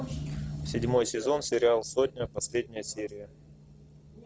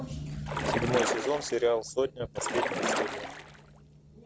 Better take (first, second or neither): first